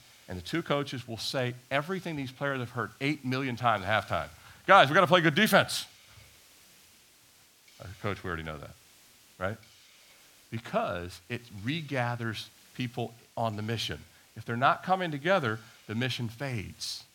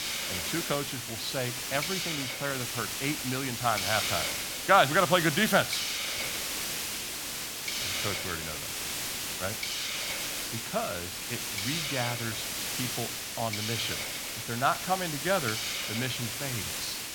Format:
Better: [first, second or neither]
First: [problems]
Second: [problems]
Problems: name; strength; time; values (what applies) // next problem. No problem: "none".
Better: first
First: hiss; faint; throughout; 25 dB below the speech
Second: hiss; loud; throughout; 1 dB below the speech